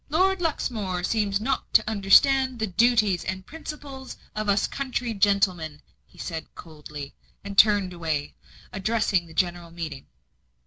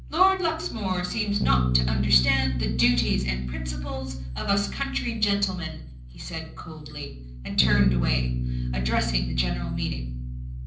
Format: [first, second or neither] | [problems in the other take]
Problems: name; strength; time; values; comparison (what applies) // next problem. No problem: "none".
first | background sound (Bass guitar); 1 dB below the speech // room echo; dies away in 0.6 s